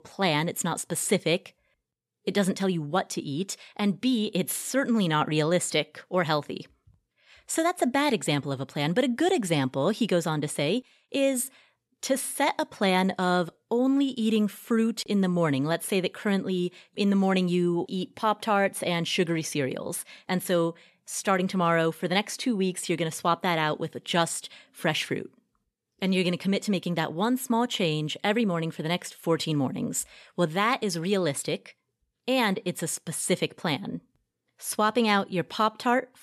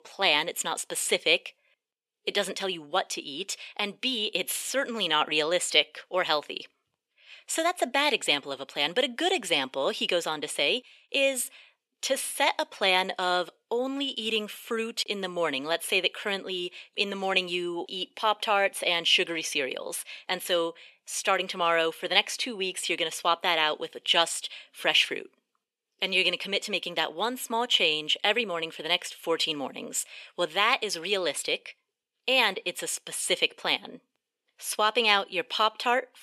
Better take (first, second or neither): first